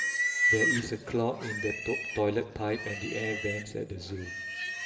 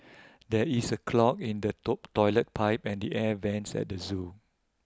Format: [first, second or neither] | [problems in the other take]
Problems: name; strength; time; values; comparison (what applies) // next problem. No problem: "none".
second | background sound (Livestock, farm animals, working animals); as loud as the speech // room echo; dies away in 1.7 s